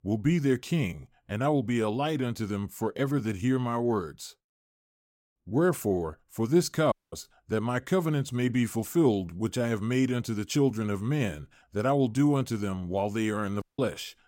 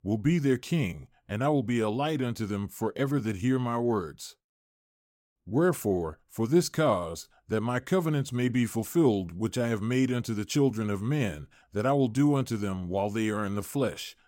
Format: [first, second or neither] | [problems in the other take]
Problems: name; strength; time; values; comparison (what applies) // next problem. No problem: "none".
second | audio cutting out; at 7 s and at 14 s